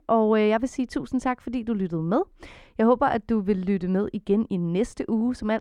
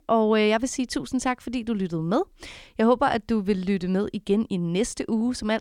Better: second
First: muffled; slightly; fading above 2.5 kHz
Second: none

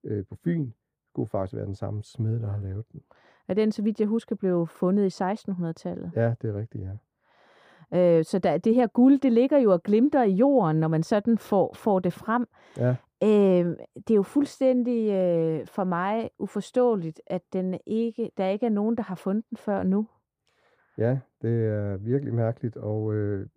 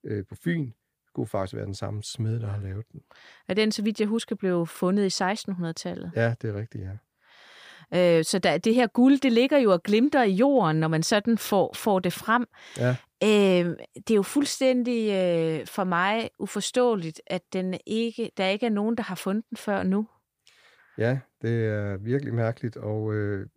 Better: second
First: muffled; slightly; fading above 1.5 kHz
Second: none

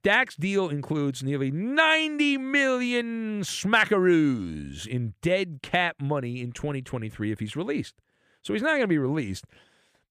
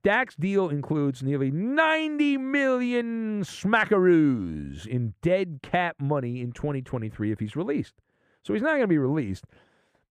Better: first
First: none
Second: muffled; slightly; fading above 2 kHz

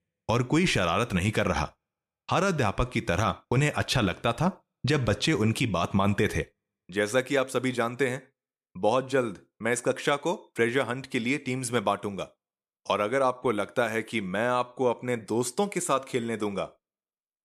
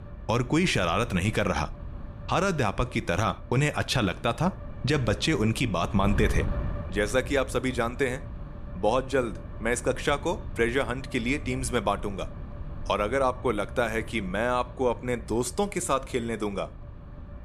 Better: first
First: none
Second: wind noise on the microphone; occasional gusts; 20 dB below the speech

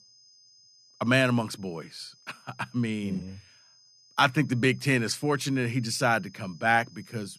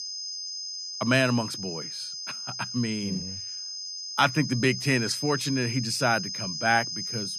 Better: first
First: high-pitched whine; faint; throughout; 5 kHz, 30 dB below the speech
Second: high-pitched whine; loud; throughout; 5 kHz, 6 dB below the speech

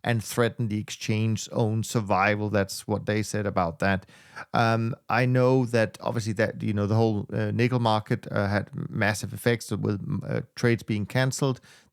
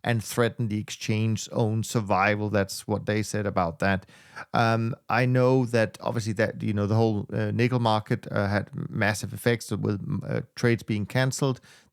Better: neither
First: none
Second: none

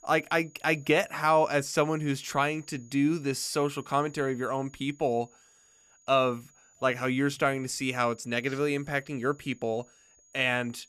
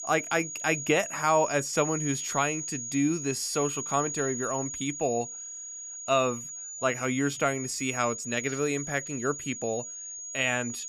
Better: first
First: high-pitched whine; faint; throughout; 6.5 kHz, 30 dB below the speech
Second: high-pitched whine; loud; throughout; 6.5 kHz, 6 dB below the speech

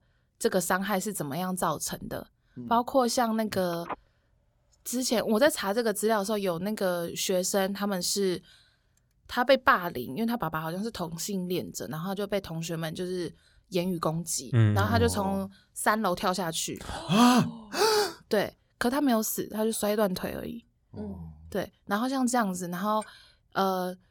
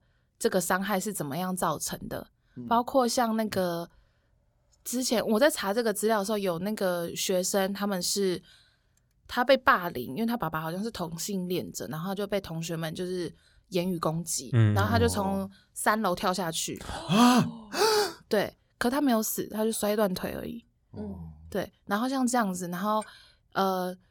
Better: second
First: phone ringing; faint; from 3.5 to 5.5 s; peak 10 dB below the speech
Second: none

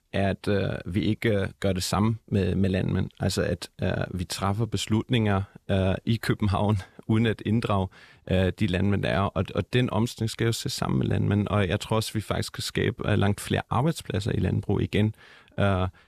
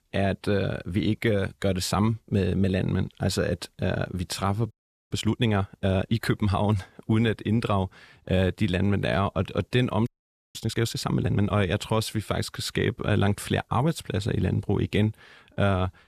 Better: first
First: none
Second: audio freezing; at 4.5 s and at 10 s

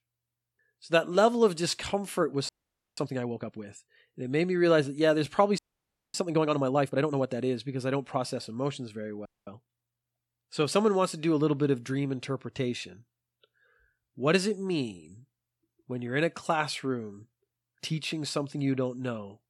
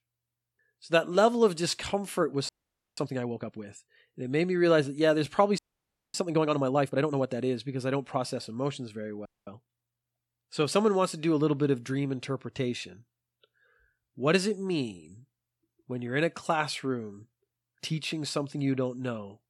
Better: neither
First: audio freezing; at 2.5 s, at 5.5 s for 0.5 s and at 9.5 s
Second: audio freezing; at 2.5 s, at 5.5 s for 0.5 s and at 9.5 s

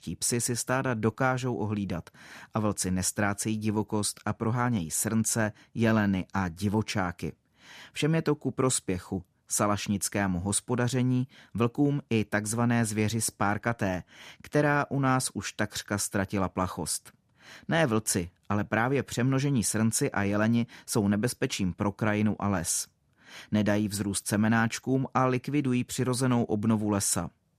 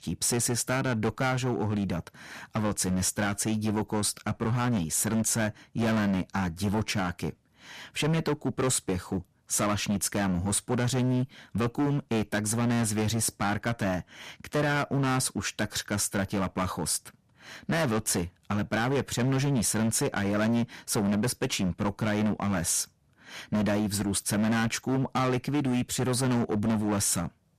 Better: first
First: none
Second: distortion; heavy; 17% of the sound clipped

